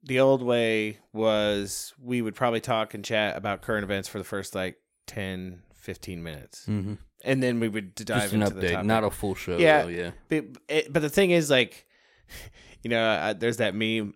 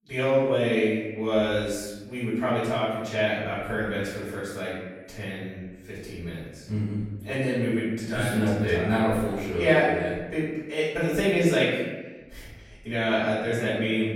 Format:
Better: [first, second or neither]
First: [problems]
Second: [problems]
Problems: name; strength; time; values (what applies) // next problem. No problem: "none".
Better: first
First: none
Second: room echo; noticeable; dies away in 1.2 s // off-mic speech; far